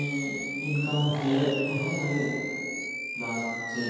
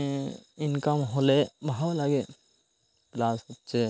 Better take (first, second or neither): second